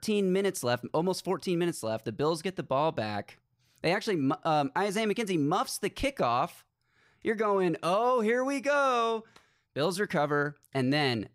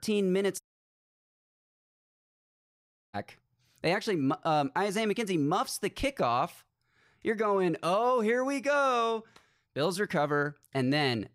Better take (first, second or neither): first